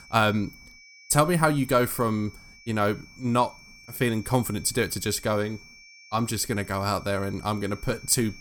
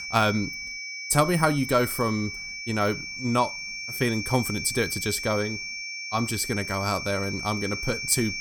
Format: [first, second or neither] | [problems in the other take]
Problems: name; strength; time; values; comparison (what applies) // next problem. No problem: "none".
first | high-pitched whine; loud; throughout; 2.5 kHz, 6 dB below the speech; faint in the first